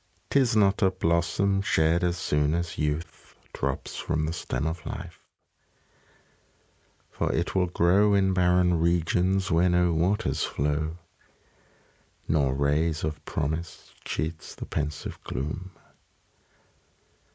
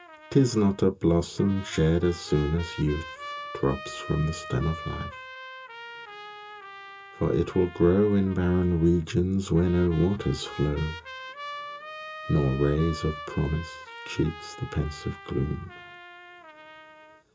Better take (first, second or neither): first